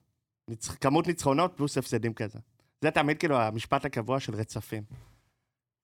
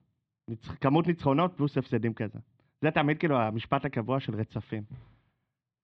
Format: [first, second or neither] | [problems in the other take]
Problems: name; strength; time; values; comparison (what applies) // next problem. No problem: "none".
first | muffled; very; fading above 3.5 kHz